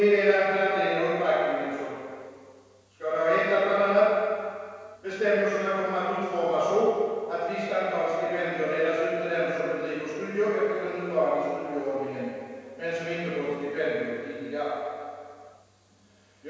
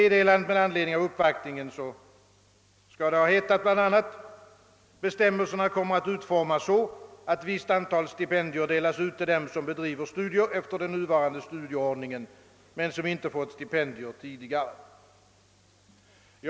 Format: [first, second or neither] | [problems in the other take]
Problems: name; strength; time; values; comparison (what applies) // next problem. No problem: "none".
second | room echo; dies away in 1.9 s